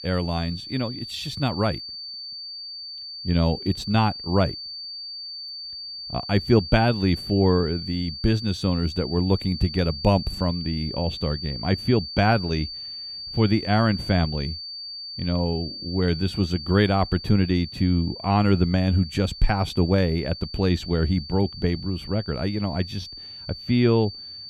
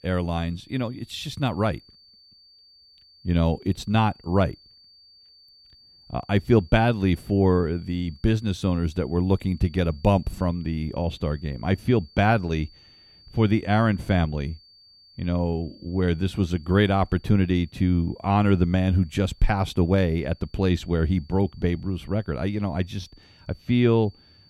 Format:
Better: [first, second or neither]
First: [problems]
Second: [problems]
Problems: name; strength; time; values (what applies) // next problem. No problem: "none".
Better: second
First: high-pitched whine; loud; throughout; 4.5 kHz, 10 dB below the speech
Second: high-pitched whine; faint; throughout; 4.5 kHz, 30 dB below the speech